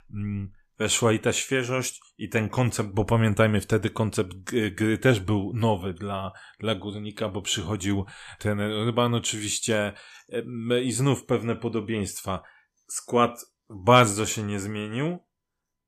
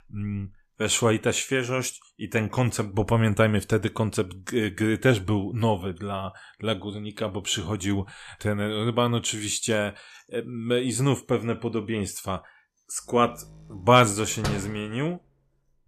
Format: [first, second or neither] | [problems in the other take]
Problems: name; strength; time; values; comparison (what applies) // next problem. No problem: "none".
first | door banging; noticeable; at 14 s; peak 6 dB below the speech